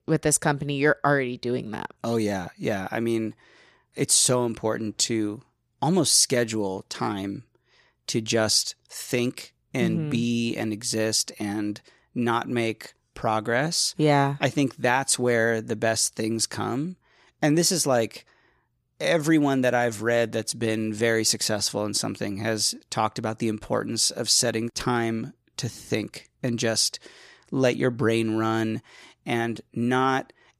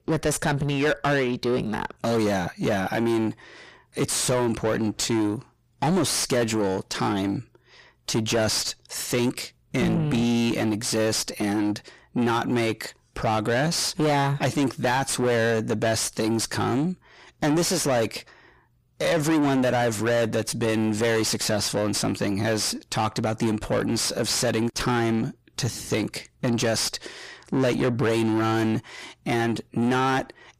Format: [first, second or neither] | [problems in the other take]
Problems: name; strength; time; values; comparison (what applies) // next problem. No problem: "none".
first | distortion; heavy; 6 dB below the speech